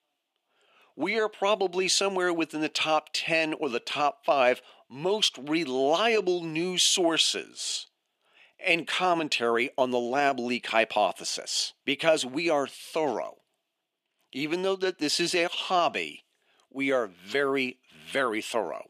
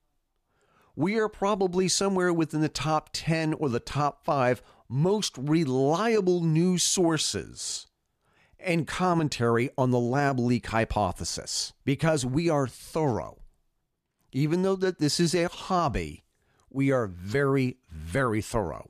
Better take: second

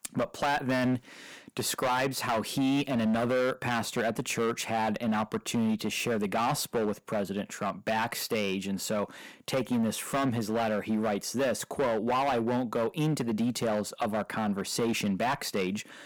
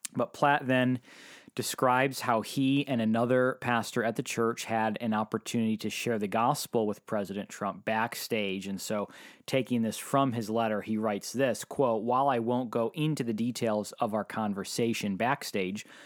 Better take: second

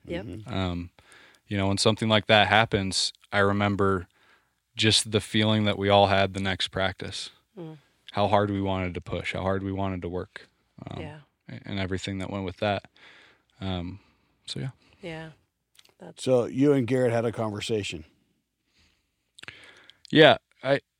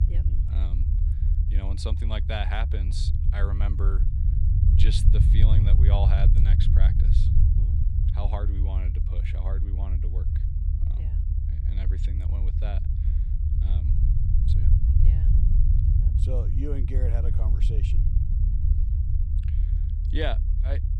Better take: first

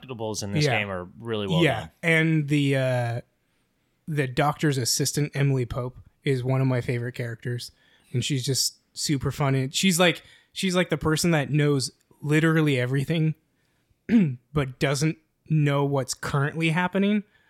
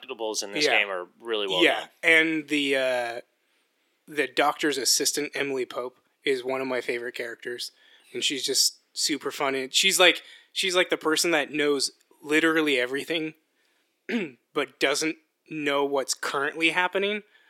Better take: first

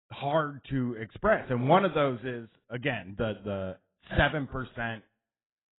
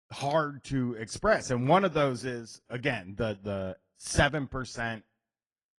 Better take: second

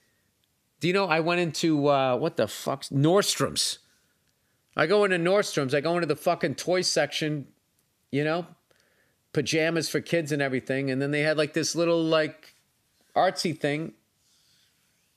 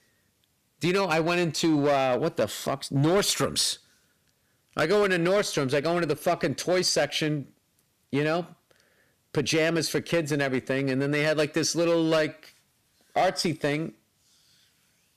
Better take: first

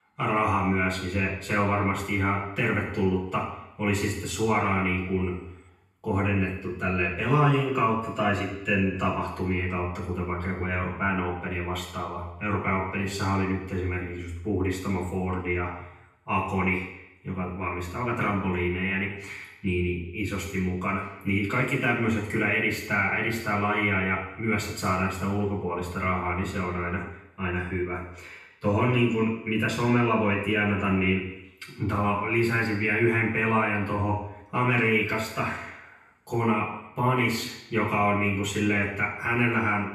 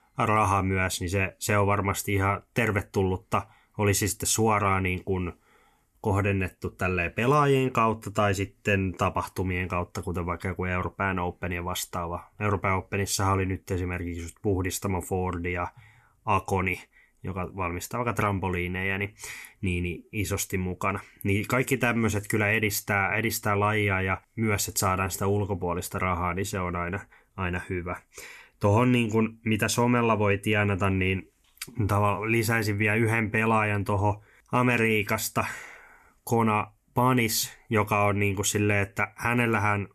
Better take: second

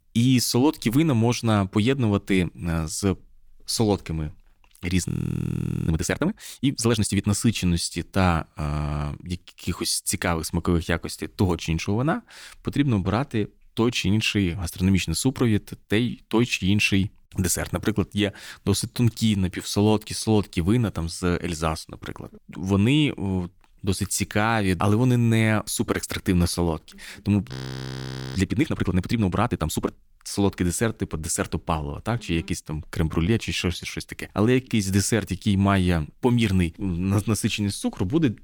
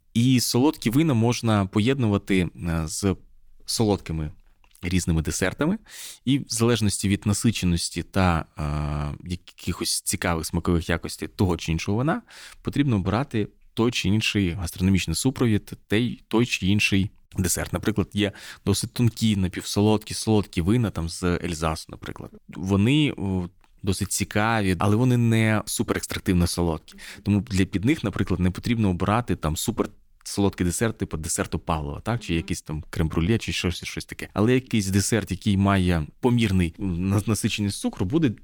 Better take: second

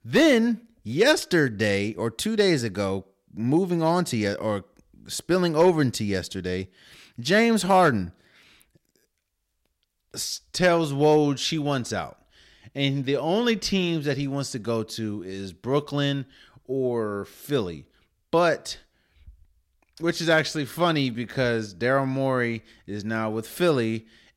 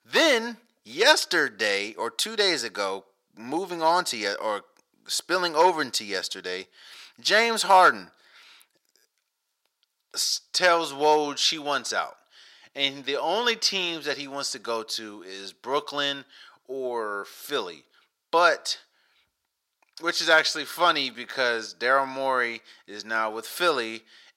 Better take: first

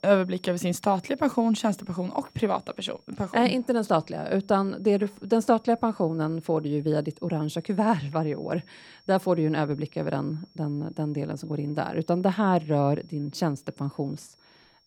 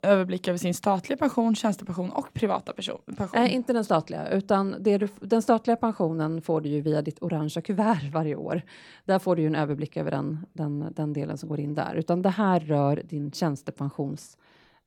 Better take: second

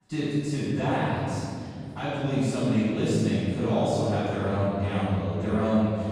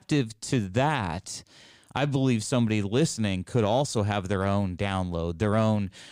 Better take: second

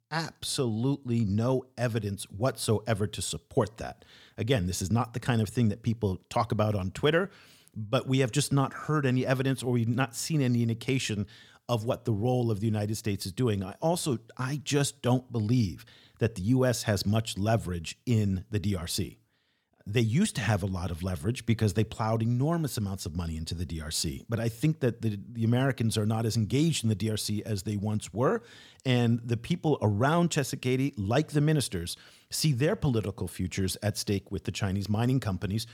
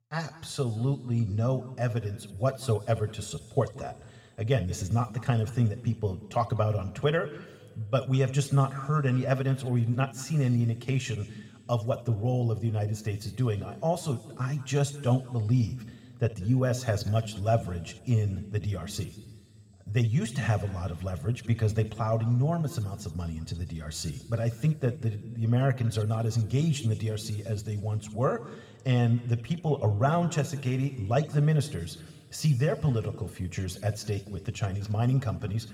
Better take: first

